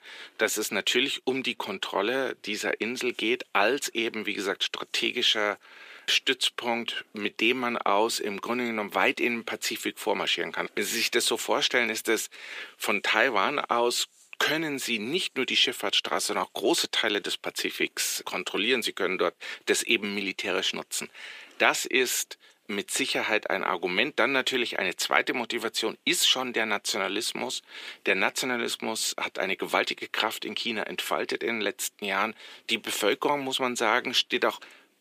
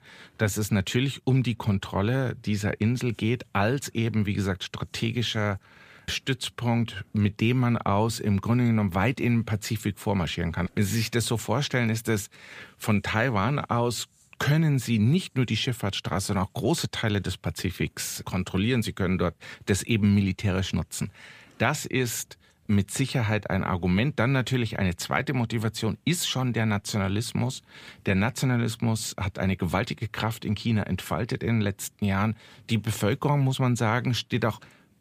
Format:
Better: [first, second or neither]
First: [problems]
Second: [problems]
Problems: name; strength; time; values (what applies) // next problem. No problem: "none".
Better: second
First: thin; very; fading below 350 Hz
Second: none